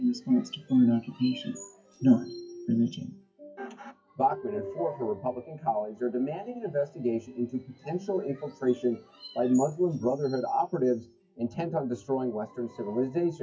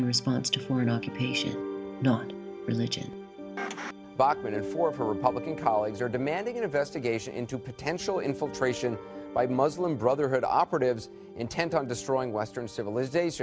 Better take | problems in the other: second | noise reduction (classical method WPE with log-MMSE)

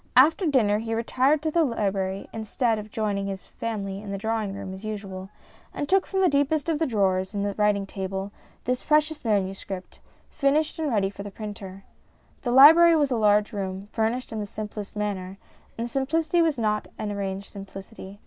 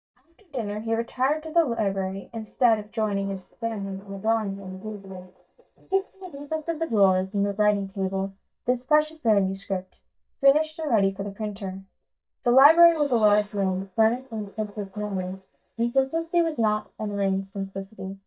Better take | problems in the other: first | noise reduction (neural mask model DeepFilterNet 3)

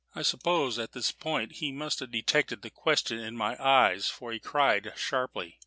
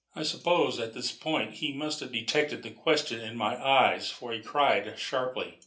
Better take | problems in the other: first | room echo; dies away in 0.3 s

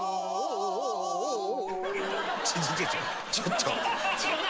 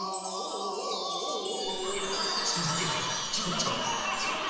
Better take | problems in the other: first | background sound (Chime); 4 dB below the speech // room echo; dies away in 0.9 s

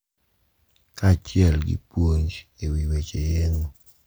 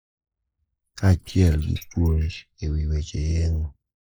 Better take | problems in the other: first | noise reduction (neural mask model Resemble Enhance denoiser)

